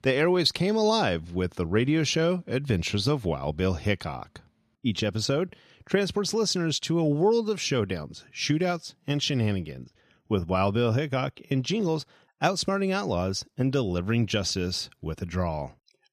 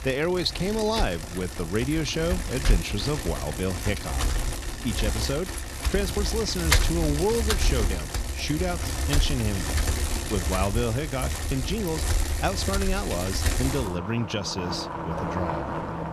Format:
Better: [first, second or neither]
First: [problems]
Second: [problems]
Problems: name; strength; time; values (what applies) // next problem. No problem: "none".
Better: first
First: none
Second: traffic noise; loud; throughout; as loud as the speech